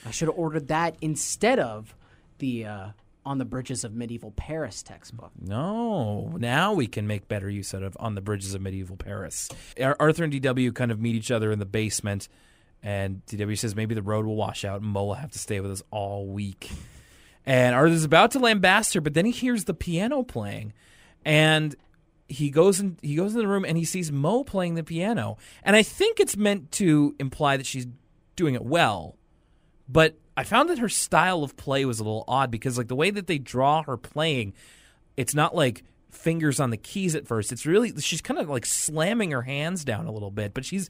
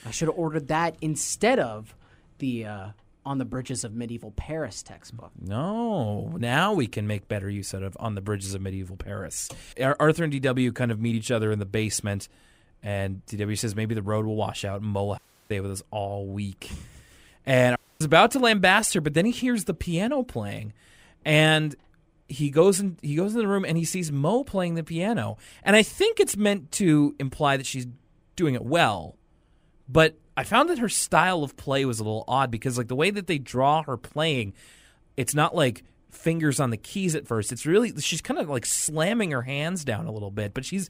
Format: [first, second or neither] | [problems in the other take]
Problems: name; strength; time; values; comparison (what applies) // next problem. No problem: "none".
first | audio cutting out; at 15 s and at 18 s